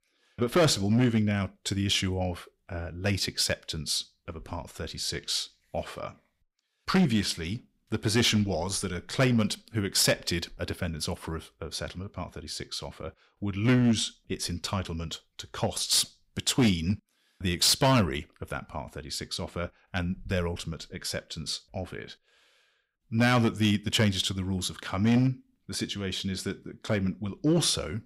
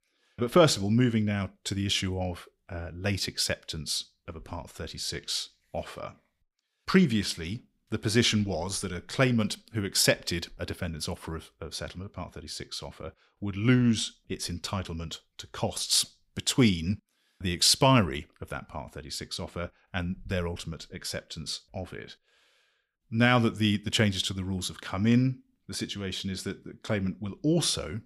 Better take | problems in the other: second | distortion; slight; 3% of the sound clipped

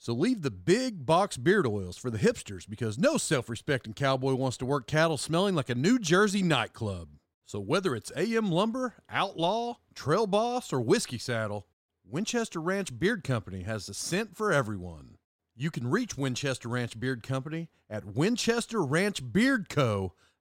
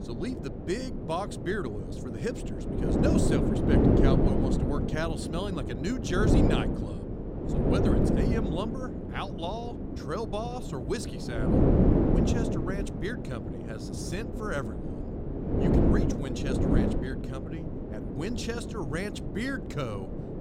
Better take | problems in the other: first | wind noise on the microphone; heavy; 2 dB above the speech

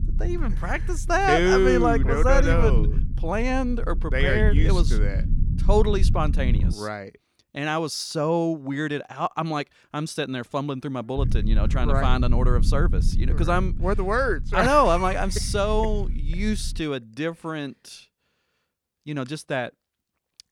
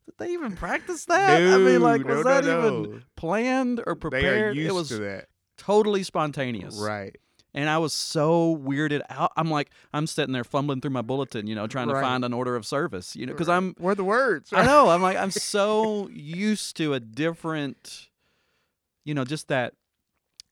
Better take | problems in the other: second | low rumble; noticeable; until 6.5 s and from 11 to 17 s; 15 dB below the speech

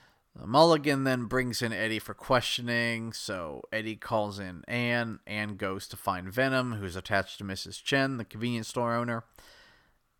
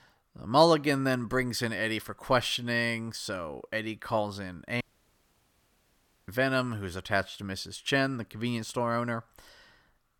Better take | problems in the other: first | audio cutting out; at 5 s for 1.5 s

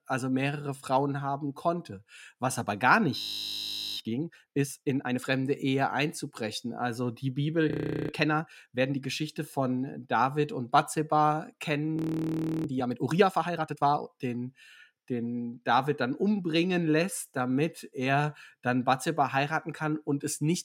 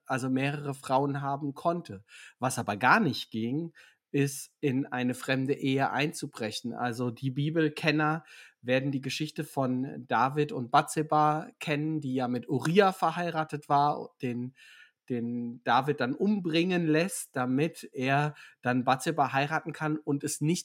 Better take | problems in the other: second | audio freezing; at 3 s for 1 s, at 7.5 s and at 12 s for 0.5 s

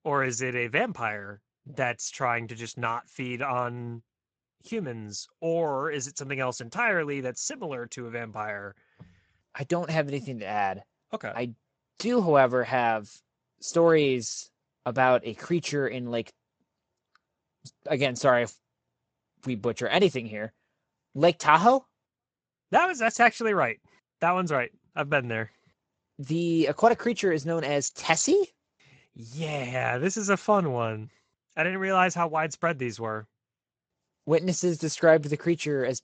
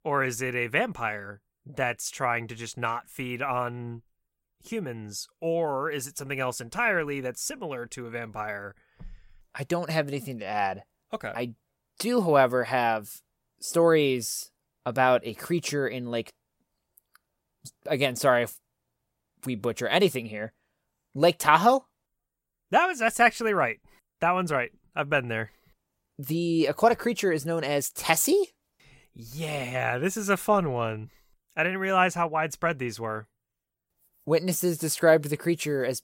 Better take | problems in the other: second | garbled, watery; slightly; nothing above 7.5 kHz

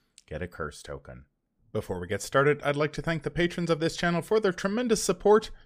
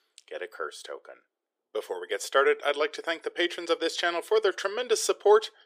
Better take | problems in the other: first | thin; very; fading below 350 Hz

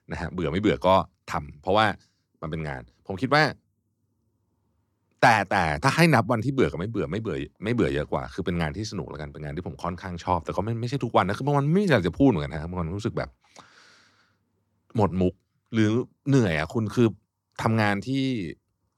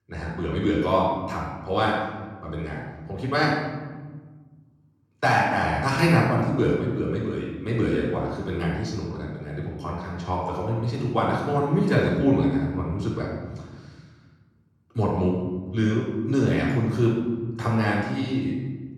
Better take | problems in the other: first | off-mic speech; far // room echo; noticeable; dies away in 1.4 s

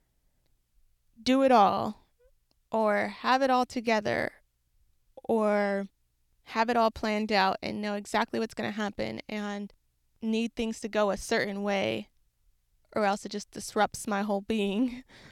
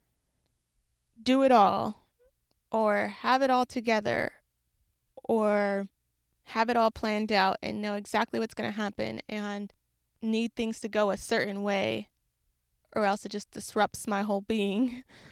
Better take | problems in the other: first | garbled, watery; slightly; nothing above 18.5 kHz

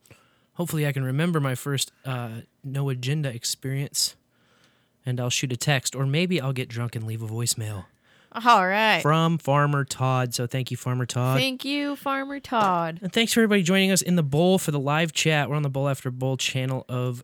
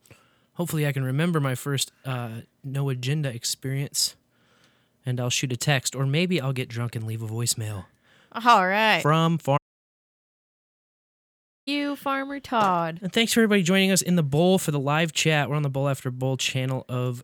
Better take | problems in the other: first | audio cutting out; at 9.5 s for 2 s

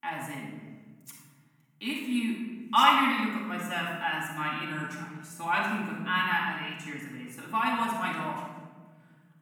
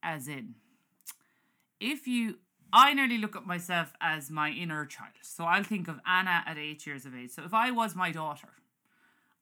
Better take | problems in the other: second | off-mic speech; far // room echo; noticeable; dies away in 1.3 s

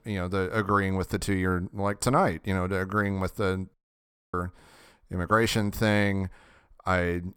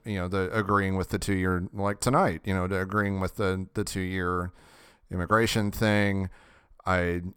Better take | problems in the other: second | audio cutting out; at 3.5 s for 0.5 s

